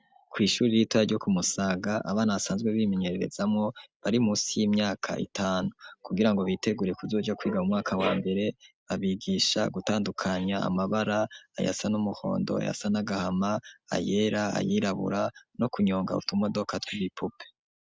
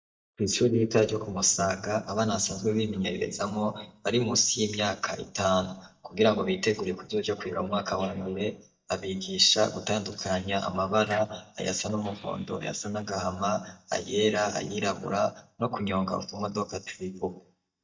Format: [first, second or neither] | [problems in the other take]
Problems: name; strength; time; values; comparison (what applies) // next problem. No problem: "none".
first | noise reduction (neural mask model DeepFilterNet 3)